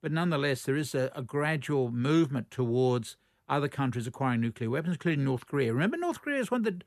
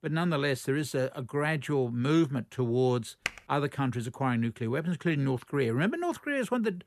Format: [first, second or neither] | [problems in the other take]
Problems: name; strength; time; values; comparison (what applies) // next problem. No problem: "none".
first | keyboard typing; very faint; at 3.5 s; peak 6 dB below the speech